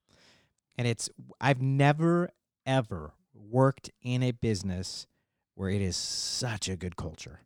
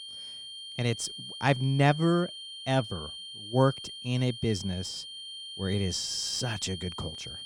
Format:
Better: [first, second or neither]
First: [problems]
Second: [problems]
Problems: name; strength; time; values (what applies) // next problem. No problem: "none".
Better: first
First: none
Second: high-pitched whine; loud; throughout; 3 kHz, 10 dB below the speech